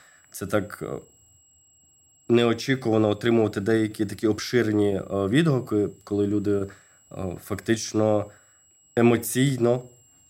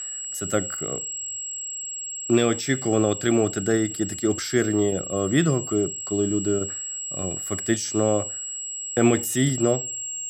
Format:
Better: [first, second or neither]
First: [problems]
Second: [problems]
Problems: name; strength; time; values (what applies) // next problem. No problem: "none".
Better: first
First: high-pitched whine; faint; throughout; 7.5 kHz, 30 dB below the speech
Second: high-pitched whine; loud; throughout; 7.5 kHz, 6 dB below the speech